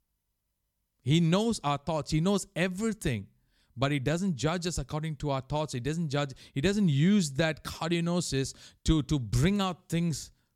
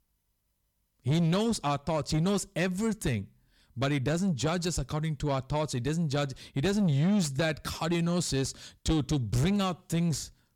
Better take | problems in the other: first | distortion; slight; 10 dB below the speech

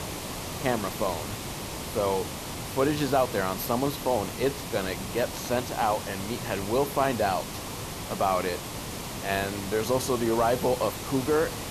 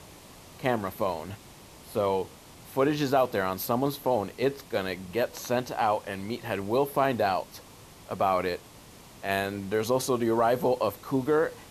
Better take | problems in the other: second | hiss; loud; throughout; 7 dB below the speech; faint in the second

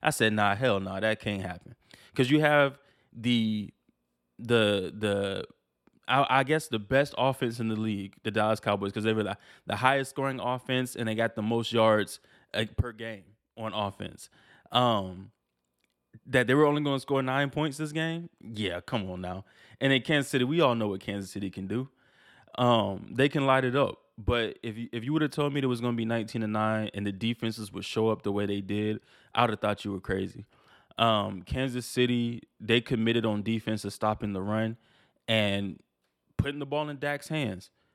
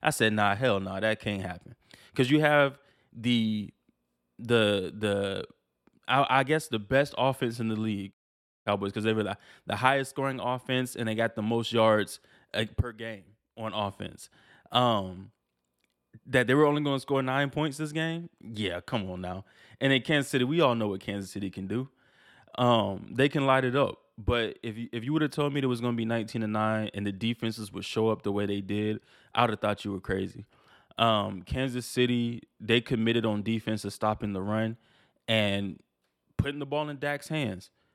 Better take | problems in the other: first | audio cutting out; at 8 s for 0.5 s

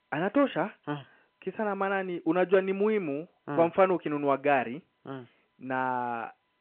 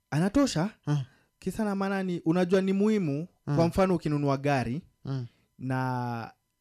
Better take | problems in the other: second | phone-call audio

